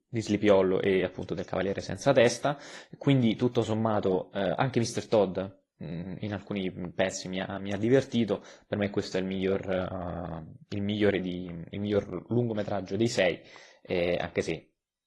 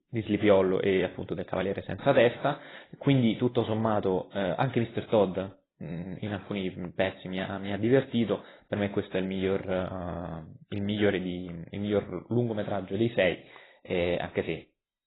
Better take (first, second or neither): first